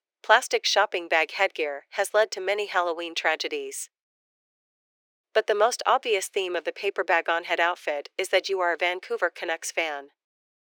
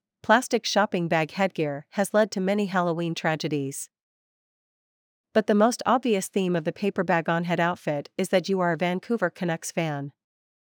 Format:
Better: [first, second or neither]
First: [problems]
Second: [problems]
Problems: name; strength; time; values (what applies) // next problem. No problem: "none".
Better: second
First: thin; very; fading below 400 Hz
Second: none